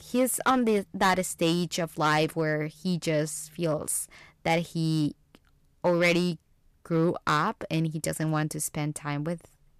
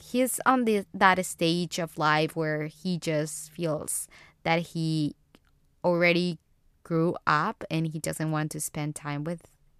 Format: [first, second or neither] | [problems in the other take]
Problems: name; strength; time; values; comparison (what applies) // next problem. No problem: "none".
second | distortion; slight; 3% of the sound clipped